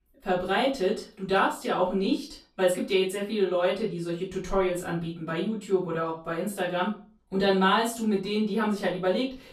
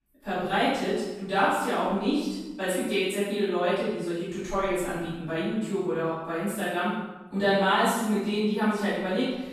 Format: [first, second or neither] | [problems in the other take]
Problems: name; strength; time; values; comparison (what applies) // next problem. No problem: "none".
first | room echo; strong; dies away in 1 s; slight in the first // off-mic speech; far; far in the first